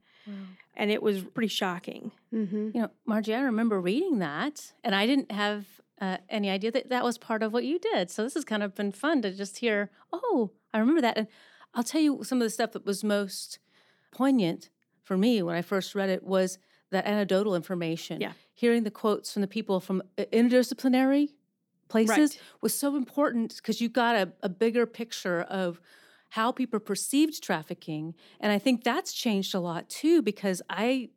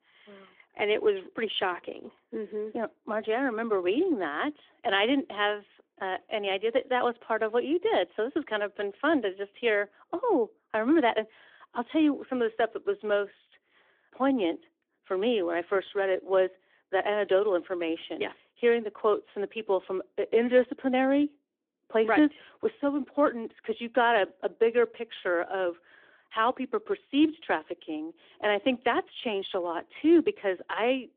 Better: first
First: none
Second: phone-call audio; nothing above 3.5 kHz

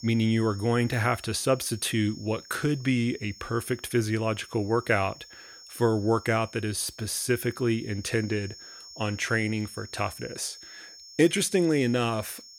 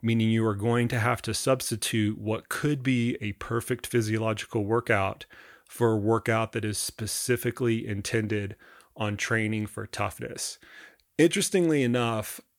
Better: second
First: high-pitched whine; noticeable; throughout; 5.5 kHz, 20 dB below the speech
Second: none

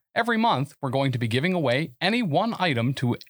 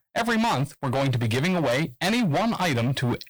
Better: first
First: none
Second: distortion; heavy; 27% of the sound clipped

